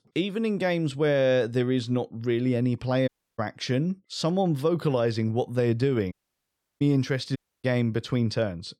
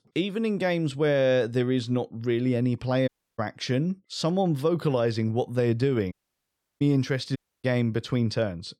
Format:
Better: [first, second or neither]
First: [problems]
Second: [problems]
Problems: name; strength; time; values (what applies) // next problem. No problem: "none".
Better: neither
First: audio cutting out; at 3 s, at 6 s for 0.5 s and at 7.5 s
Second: audio cutting out; at 3 s, at 6 s for 0.5 s and at 7.5 s